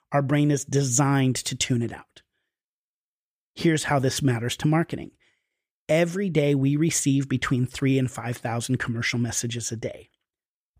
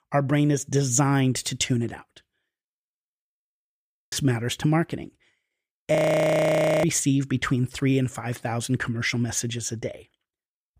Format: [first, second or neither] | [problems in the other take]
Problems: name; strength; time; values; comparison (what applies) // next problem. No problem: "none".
first | audio freezing; at 3 s for 1 s and at 6 s for 1 s